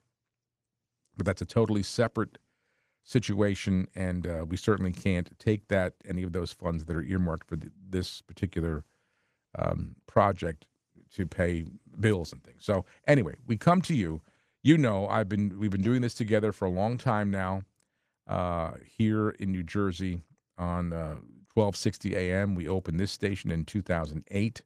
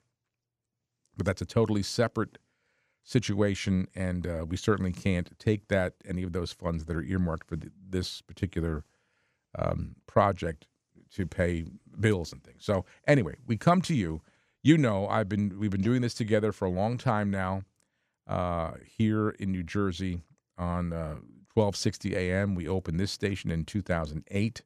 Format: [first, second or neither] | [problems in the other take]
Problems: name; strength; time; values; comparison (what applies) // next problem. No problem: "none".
second | garbled, watery; slightly; nothing above 14.5 kHz